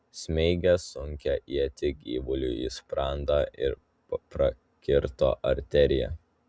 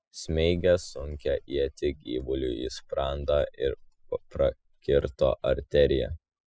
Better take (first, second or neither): first